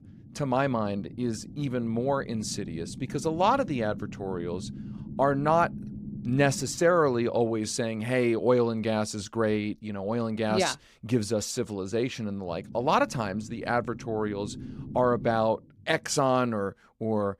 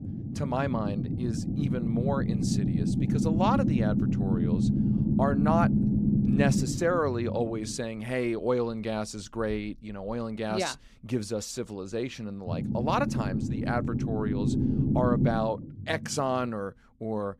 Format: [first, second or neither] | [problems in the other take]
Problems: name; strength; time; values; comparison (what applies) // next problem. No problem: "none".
first | low rumble; loud; throughout; 4 dB below the speech; faint in the first